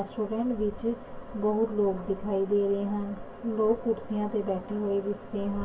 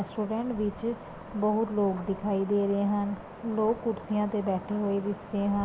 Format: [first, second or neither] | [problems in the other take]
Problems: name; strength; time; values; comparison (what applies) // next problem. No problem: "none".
second | room echo; dies away in 0.1 s